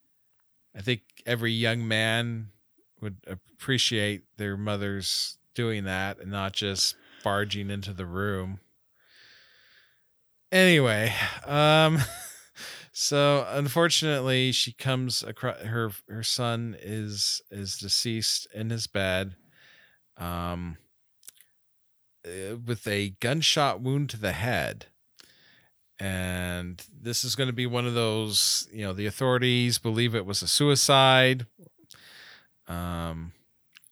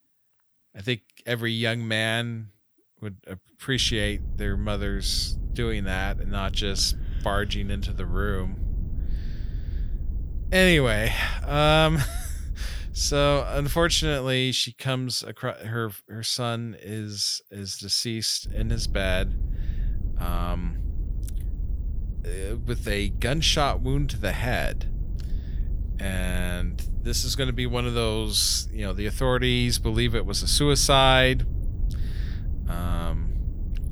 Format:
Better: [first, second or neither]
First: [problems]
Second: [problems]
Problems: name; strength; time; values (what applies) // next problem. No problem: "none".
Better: first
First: none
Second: low rumble; faint; from 4 to 14 s and from 18 s on; 25 dB below the speech